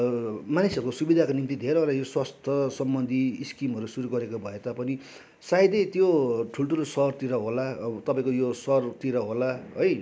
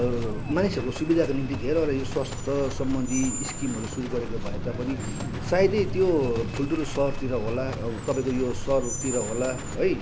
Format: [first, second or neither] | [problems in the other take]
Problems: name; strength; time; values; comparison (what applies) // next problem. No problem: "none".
first | background sound (Screech + Livestock, farm animals, working animals); 4 dB below the speech